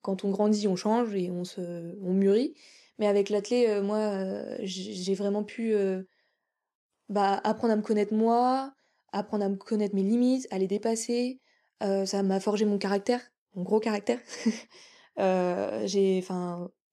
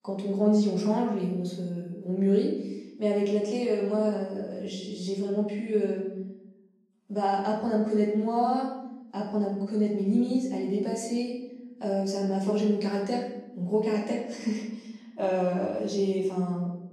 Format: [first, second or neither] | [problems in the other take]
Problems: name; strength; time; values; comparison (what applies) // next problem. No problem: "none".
first | off-mic speech; far // room echo; noticeable; dies away in 0.8 s